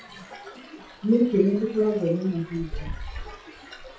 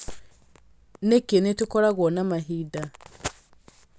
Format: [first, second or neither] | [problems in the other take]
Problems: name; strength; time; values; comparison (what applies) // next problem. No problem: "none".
second | noise reduction (classical method WPE with log-MMSE)